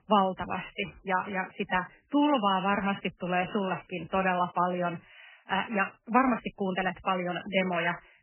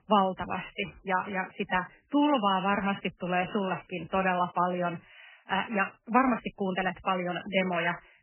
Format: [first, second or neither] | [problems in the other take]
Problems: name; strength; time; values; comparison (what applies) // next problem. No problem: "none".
neither | garbled, watery; badly; nothing above 3 kHz; the same in both